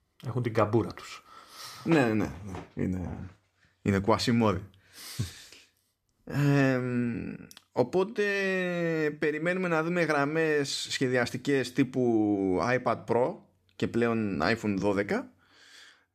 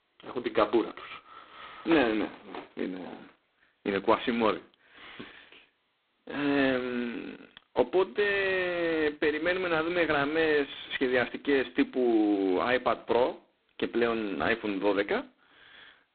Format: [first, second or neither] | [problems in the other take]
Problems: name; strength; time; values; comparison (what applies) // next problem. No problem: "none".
first | phone-call audio; poor line; nothing above 4 kHz